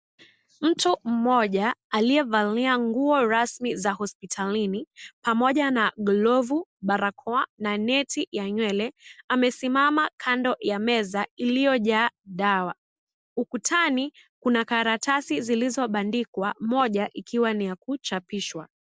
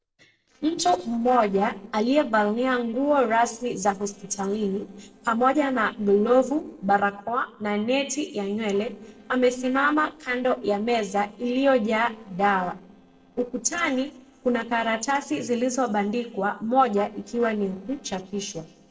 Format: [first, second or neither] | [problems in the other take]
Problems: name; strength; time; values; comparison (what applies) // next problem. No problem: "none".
first | noise reduction (neural separator model SepFormer DNS4)